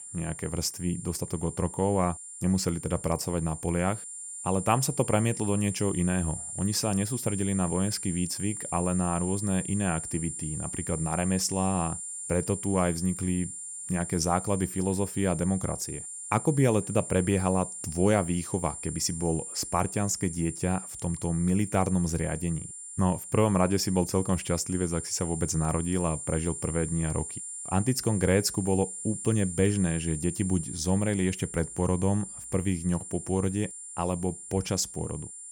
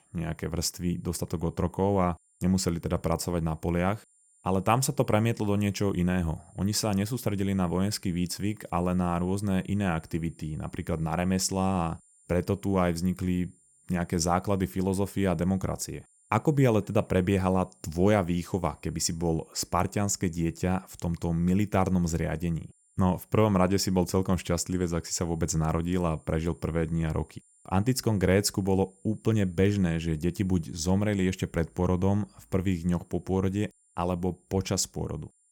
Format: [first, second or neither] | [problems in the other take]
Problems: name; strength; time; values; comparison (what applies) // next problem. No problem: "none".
second | high-pitched whine; loud; throughout; 9.5 kHz, 8 dB below the speech; faint in the second